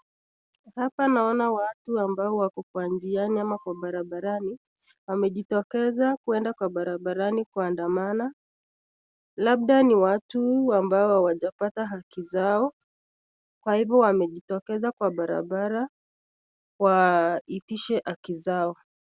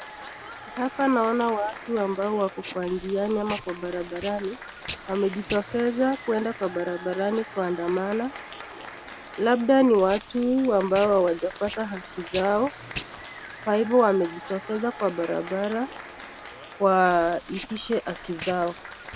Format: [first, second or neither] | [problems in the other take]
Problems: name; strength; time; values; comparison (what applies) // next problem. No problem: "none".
first | background sound (Packing tape, duct tape + Applause / Crowd); 14 dB below the speech